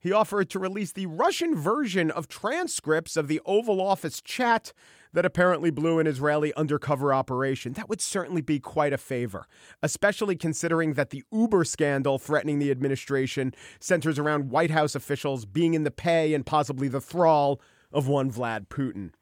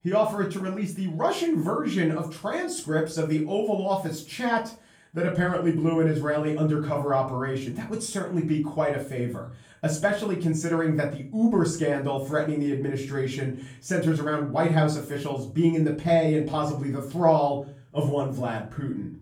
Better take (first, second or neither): first